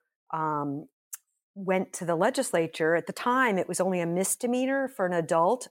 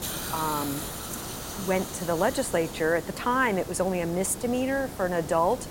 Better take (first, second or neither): first